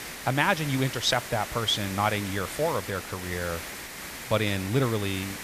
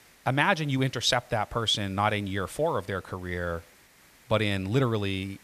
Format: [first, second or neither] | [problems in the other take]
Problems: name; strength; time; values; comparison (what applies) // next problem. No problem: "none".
second | hiss; loud; throughout; 9 dB below the speech; faint in the second